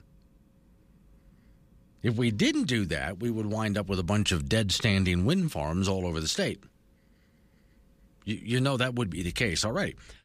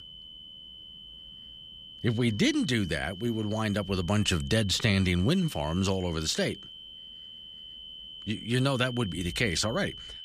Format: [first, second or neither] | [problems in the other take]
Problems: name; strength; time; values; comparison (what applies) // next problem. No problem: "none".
first | high-pitched whine; noticeable; throughout; 3 kHz, 15 dB below the speech